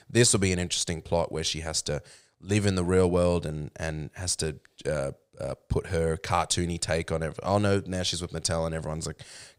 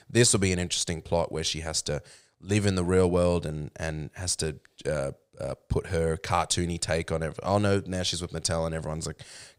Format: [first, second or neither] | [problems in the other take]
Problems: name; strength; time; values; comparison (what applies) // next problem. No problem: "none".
neither | none